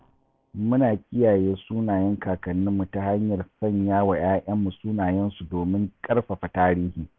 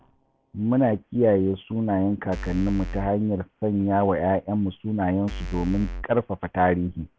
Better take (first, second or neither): first